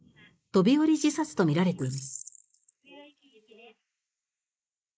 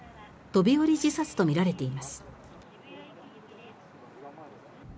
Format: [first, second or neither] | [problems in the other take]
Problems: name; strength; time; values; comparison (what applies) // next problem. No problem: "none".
second | noise reduction (neural mask model Resemble Enhance denoiser)